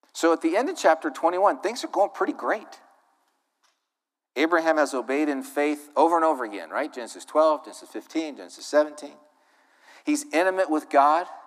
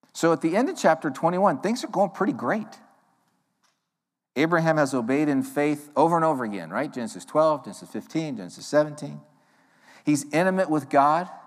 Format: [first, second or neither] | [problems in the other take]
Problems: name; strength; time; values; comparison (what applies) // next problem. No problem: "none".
second | thin; very slightly; fading below 300 Hz